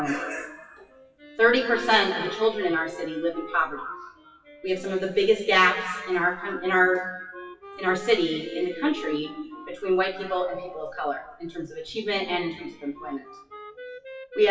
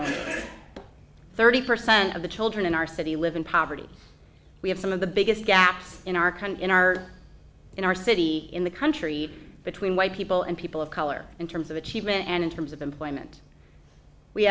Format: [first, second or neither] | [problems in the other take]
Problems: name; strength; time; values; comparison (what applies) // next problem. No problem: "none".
second | noise reduction (classical method WPE with log-MMSE)